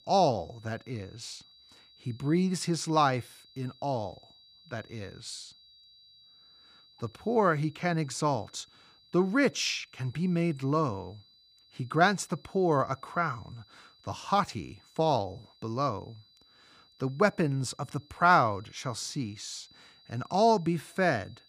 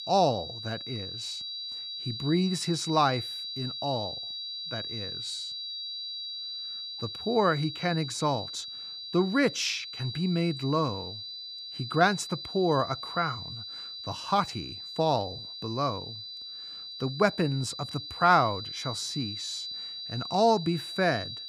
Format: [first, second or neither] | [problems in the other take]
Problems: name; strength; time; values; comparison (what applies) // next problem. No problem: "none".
first | high-pitched whine; loud; throughout; 4 kHz, 7 dB below the speech; faint in the first